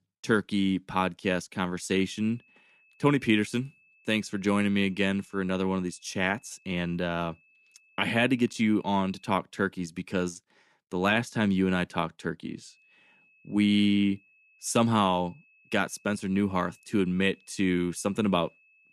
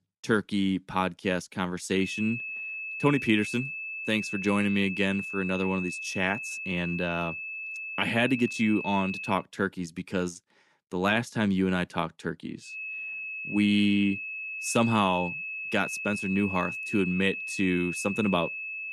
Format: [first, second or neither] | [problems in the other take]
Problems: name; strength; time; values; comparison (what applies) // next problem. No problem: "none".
first | high-pitched whine; loud; from 2 to 9.5 s and from 13 s on; 2.5 kHz, 5 dB below the speech; faint in the first